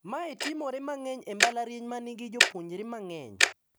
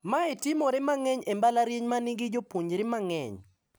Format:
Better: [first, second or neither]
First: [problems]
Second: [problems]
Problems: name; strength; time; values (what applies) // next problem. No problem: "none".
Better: second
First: background sound (Tick-tock); 4 dB above the speech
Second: none